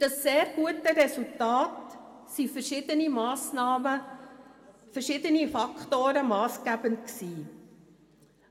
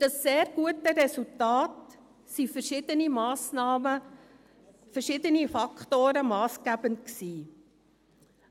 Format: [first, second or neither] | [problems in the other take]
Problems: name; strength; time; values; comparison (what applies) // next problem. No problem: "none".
second | room echo; dies away in 1.7 s